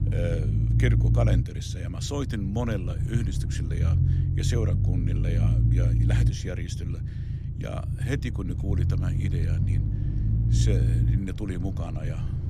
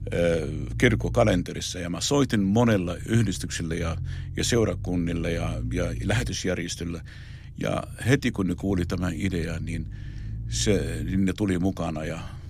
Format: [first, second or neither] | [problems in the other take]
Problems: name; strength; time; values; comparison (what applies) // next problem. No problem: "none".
second | low rumble; loud; throughout; 2 dB below the speech; faint in the second